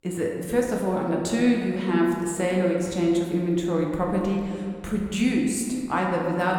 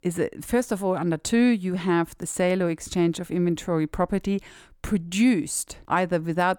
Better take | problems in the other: second | room echo; noticeable; dies away in 1.7 s // off-mic speech; somewhat distant

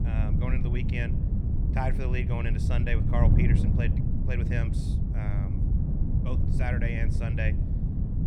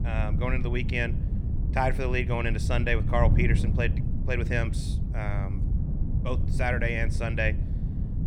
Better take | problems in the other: second | wind noise on the microphone; heavy; 3 dB below the speech; occasional gusts in the second

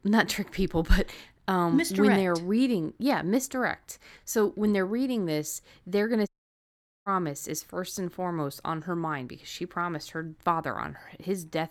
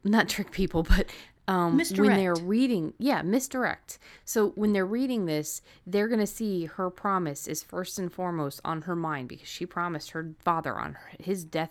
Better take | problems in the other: second | audio cutting out; at 6.5 s for 1 s

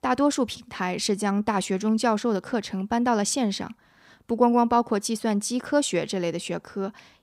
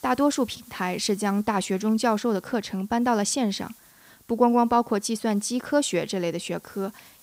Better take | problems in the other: first | hiss; faint; throughout; 25 dB below the speech

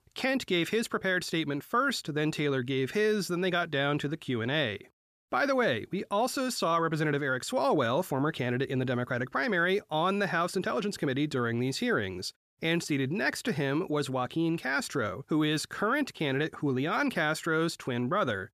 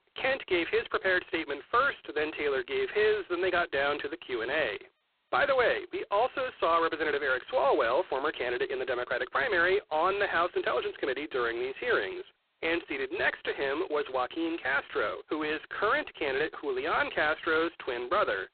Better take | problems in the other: first | phone-call audio; poor line; nothing above 4 kHz

